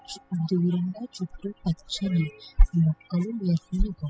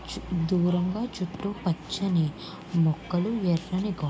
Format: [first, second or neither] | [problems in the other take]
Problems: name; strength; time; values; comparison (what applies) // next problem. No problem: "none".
second | noise reduction (classical method spectral subtraction)